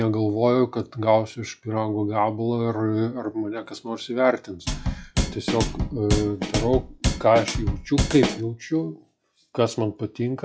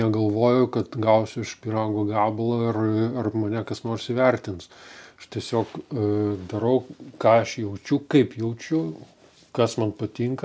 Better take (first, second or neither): second